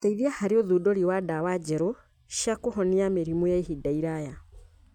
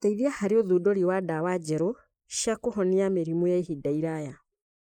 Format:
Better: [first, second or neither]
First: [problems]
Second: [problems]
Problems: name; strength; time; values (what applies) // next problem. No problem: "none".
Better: first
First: none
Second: noise reduction (neural mask model Resemble Enhance denoiser)